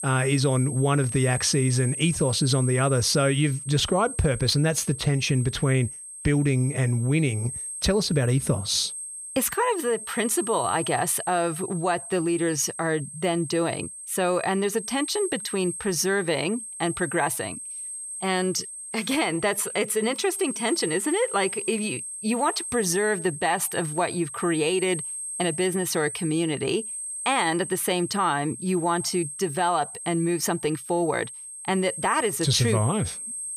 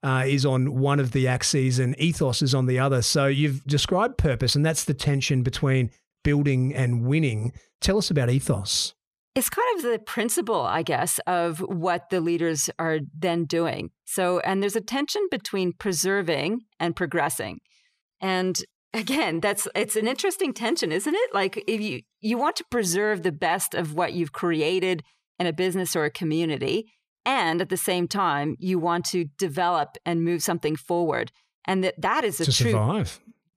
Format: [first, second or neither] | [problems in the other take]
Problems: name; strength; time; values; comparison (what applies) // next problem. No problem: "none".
second | high-pitched whine; loud; throughout; 8.5 kHz, 8 dB below the speech